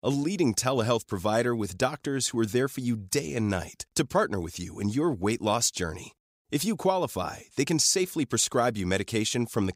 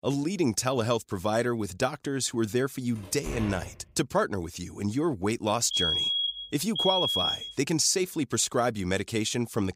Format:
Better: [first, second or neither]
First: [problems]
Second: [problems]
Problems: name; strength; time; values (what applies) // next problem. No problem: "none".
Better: first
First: none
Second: door banging; noticeable; at 3 s; peak 9 dB below the speech // alarm; loud; from 5.5 to 7.5 s; peak 4 dB above the speech